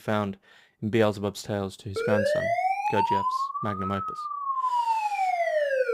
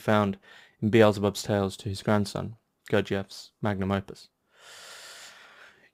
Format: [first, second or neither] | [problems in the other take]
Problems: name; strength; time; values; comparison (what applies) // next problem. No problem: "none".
second | siren; loud; from 2 s on; peak 5 dB above the speech